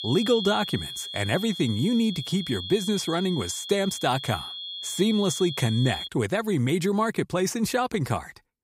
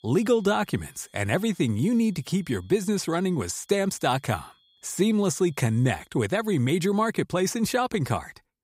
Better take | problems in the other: second | high-pitched whine; loud; until 6 s; 3.5 kHz, 7 dB below the speech; faint in the second

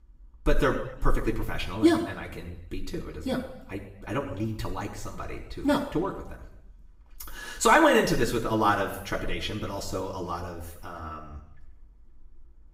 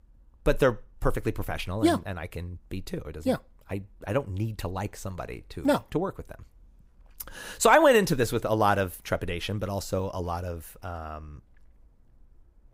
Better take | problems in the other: second | room echo; slight; dies away in 0.8 s // off-mic speech; far

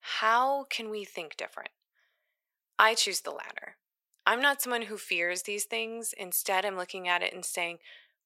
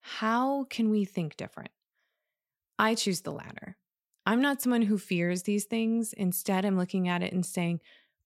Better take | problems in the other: second | thin; very; fading below 500 Hz

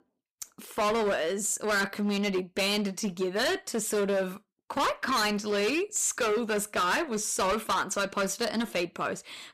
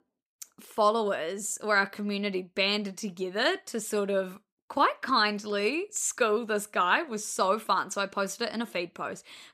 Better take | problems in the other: second | distortion; heavy; 17% of the sound clipped

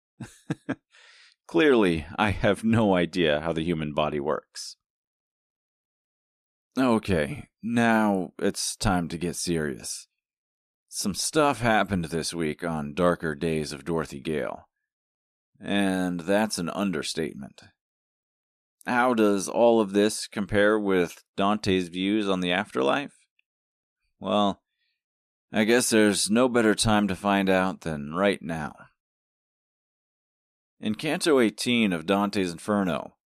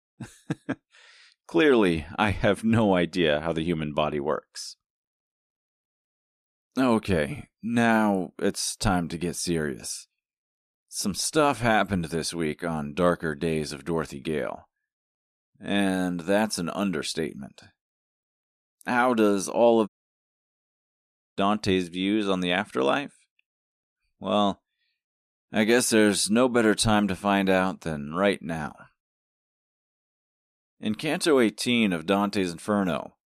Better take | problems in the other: first | audio cutting out; at 20 s for 1.5 s

